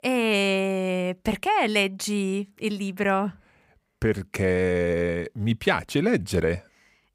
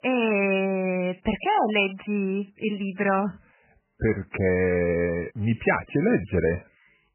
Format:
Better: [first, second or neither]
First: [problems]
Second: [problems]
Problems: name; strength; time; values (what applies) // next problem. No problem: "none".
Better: first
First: none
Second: garbled, watery; badly; nothing above 3 kHz